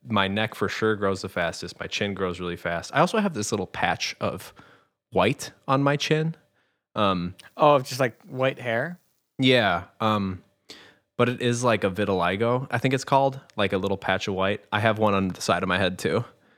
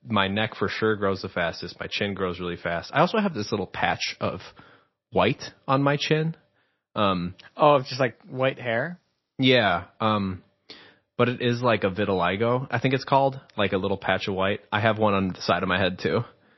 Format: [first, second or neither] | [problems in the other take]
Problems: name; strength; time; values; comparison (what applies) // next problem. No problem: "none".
first | garbled, watery; slightly; nothing above 5.5 kHz